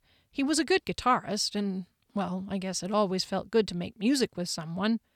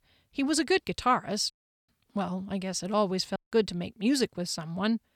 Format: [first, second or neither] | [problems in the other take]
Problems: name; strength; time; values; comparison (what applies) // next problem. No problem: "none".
first | audio cutting out; at 1.5 s and at 3.5 s